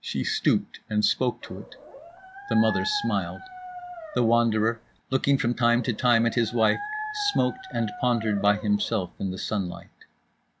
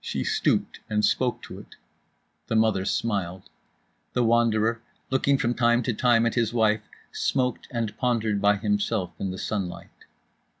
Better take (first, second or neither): second